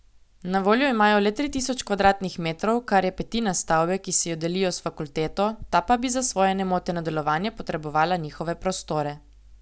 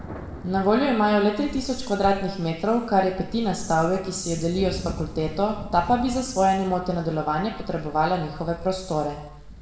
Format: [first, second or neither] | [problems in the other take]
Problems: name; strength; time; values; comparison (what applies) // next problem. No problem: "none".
first | background sound (Thunder); 16 dB below the speech // room echo; dies away in 0.9 s